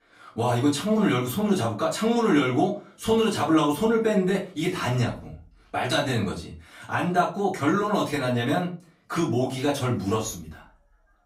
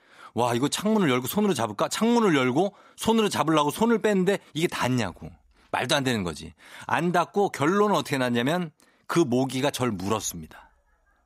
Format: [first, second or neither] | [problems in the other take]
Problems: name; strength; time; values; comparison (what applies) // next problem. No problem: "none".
second | off-mic speech; far // room echo; slight; dies away in 0.3 s